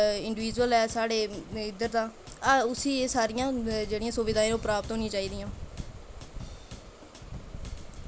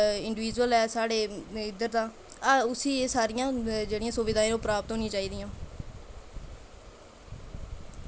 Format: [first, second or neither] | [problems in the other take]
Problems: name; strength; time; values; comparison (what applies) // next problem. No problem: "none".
second | background sound (Drum / Drum kit); 18 dB below the speech